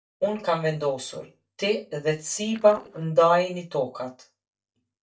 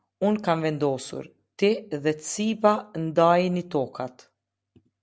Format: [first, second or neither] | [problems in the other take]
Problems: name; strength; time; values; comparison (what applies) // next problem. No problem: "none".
second | noise reduction (neural mask model DeepFilterNet 3)